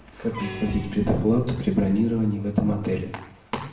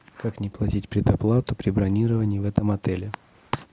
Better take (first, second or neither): second